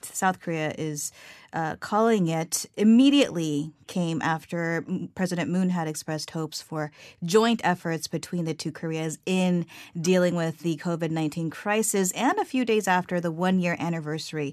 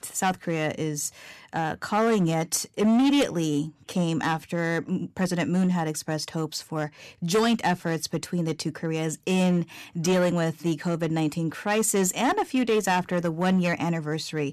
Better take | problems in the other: first | distortion; slight; 6% of the sound clipped

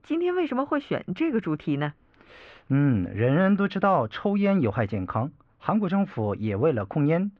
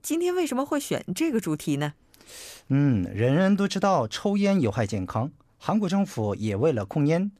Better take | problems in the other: second | muffled; very; fading above 3 kHz

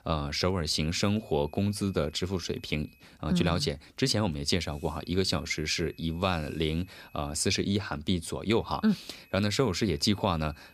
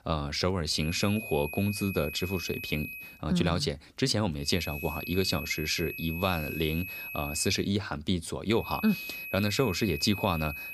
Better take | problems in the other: first | high-pitched whine; loud; from 1 to 3 s, from 4.5 to 7.5 s and from 8.5 s on; 2.5 kHz, 8 dB below the speech; faint in the first

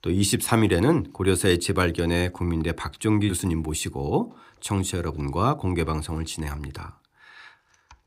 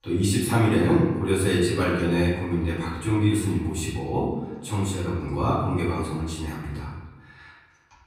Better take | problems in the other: first | off-mic speech; far // room echo; noticeable; dies away in 1.1 s

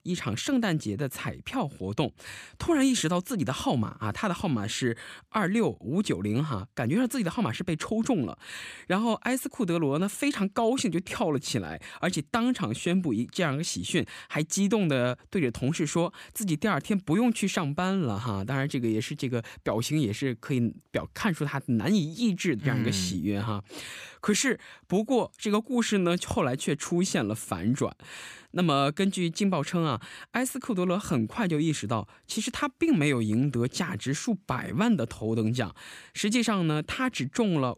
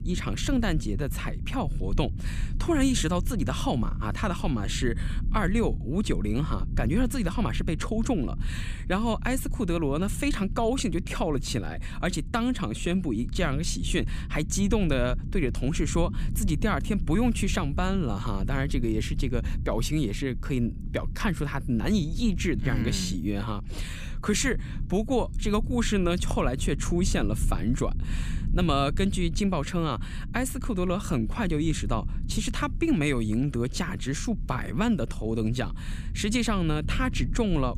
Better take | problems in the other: first | low rumble; noticeable; throughout; 15 dB below the speech

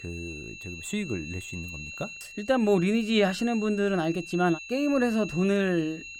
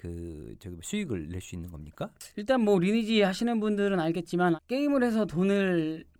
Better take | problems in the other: second | high-pitched whine; noticeable; throughout; 2.5 kHz, 15 dB below the speech

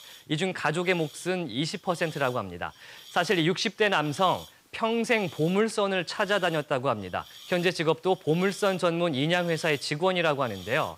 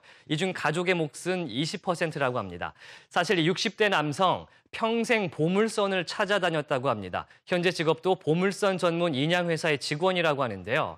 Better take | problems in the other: second | hiss; faint; throughout; 20 dB below the speech

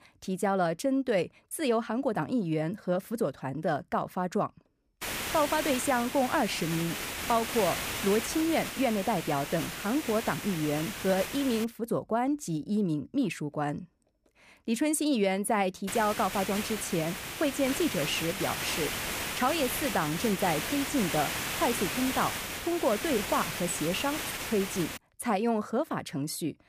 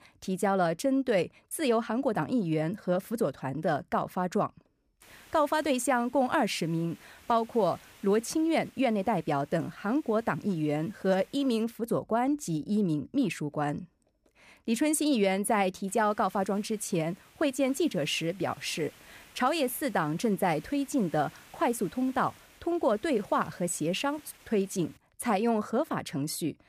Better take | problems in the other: second | hiss; loud; from 5 to 12 s and from 16 to 25 s; 4 dB below the speech; faint in the second

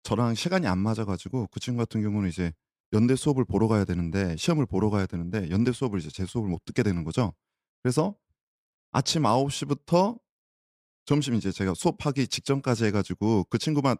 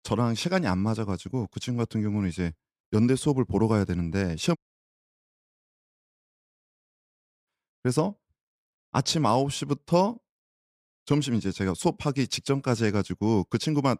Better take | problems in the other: first | audio cutting out; at 4.5 s for 3 s

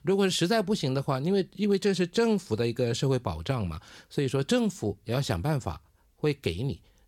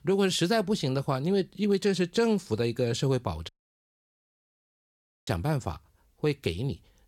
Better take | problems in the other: first | audio cutting out; at 3.5 s for 2 s

